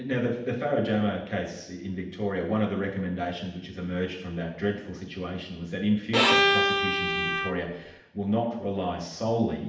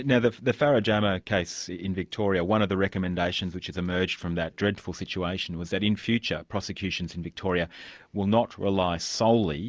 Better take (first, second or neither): second